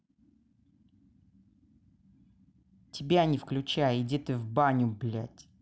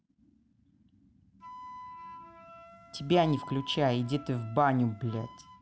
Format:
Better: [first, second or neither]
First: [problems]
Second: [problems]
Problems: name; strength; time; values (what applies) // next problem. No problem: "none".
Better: first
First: none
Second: background sound (Wind instrument, woodwind instrument); 17 dB below the speech